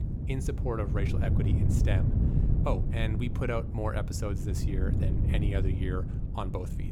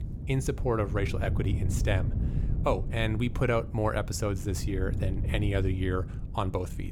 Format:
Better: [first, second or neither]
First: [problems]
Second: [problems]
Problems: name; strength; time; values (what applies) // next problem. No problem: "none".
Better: second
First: wind noise on the microphone; heavy; 4 dB below the speech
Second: wind noise on the microphone; occasional gusts; 15 dB below the speech